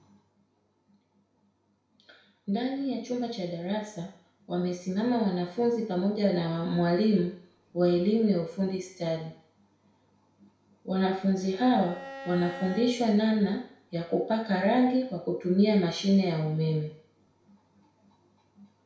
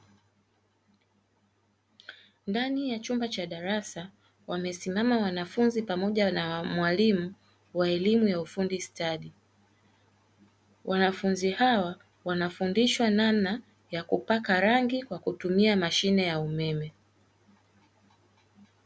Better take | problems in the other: second | background sound (Bowed string instrument); 14 dB below the speech // room echo; dies away in 0.6 s

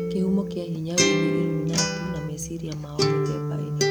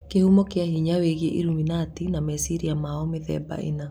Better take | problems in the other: second | background sound (Acoustic guitar); 4 dB above the speech

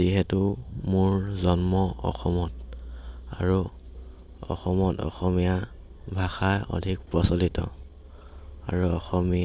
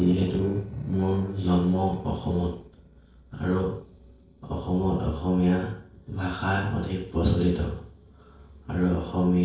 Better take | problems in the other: first | noise reduction (neural separator model SepFormer DNS4)

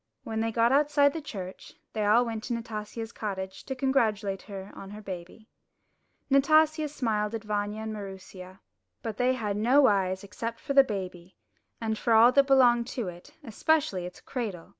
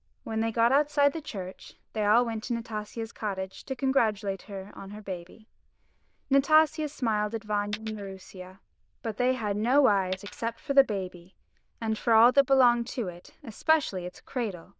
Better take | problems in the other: first | noise reduction (neural diffusion model UNIVERSE++)

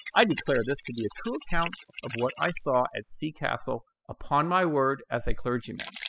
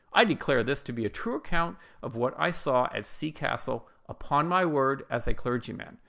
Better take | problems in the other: second | noise reduction (classical method spectral subtraction)

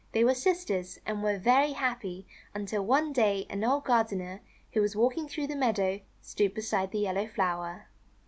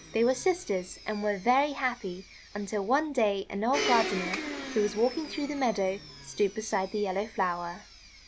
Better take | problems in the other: first | background sound (Domestic sounds, home sounds); 10 dB below the speech

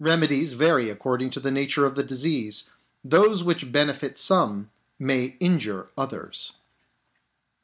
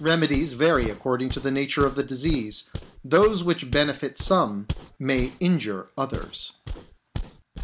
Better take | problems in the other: first | background sound (Walk, footsteps); 11 dB below the speech

